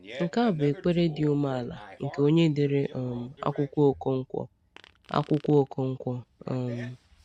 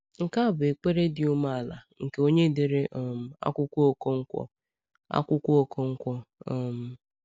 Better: second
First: background sound (Fart); 19 dB below the speech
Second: none

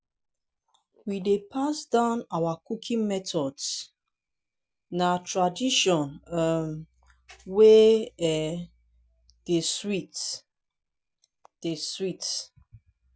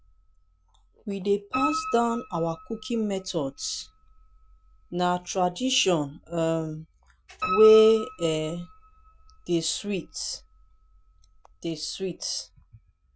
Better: first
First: none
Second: background sound (Piano); 12 dB below the speech

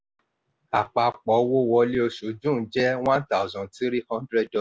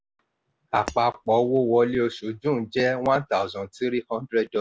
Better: first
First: none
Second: background sound (Shatter); 18 dB below the speech

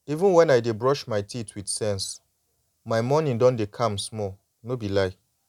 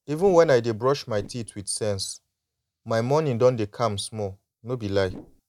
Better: first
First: none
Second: noise reduction (neural mask model DeepFilterNet 3)

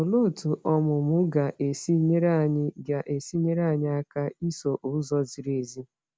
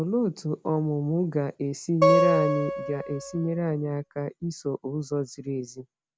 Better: first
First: none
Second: background sound (Acoustic guitar); 3 dB above the speech

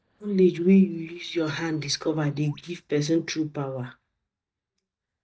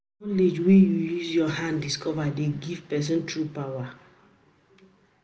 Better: second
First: noise reduction (neural mask model DeepFilterNet 3)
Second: none

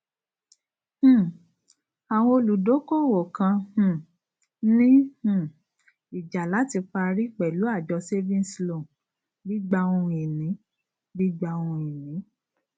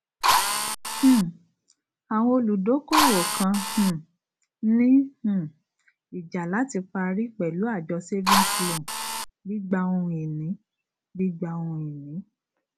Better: first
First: none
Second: background sound (Drill); 2 dB above the speech

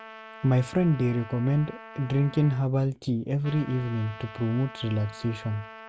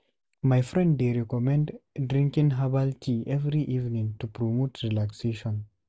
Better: second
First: background sound (Trumpet); 18 dB below the speech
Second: none

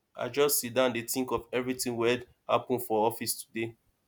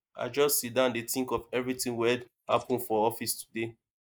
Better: first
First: none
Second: noise reduction (neural mask model Resemble Enhance denoiser)

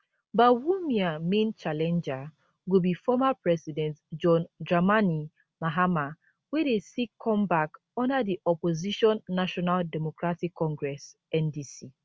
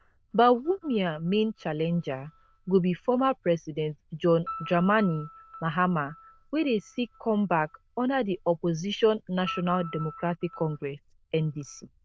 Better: first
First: none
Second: noise reduction (neural diffusion model UNIVERSE++)

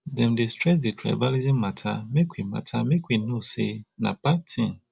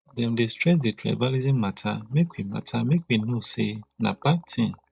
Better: first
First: none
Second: noise reduction (neural mask model DeepFilterNet 3)

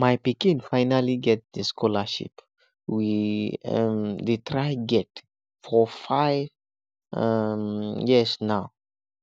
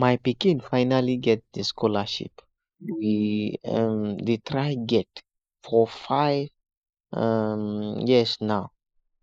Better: first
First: none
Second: noise reduction (neural mask model Resemble Enhance denoiser)

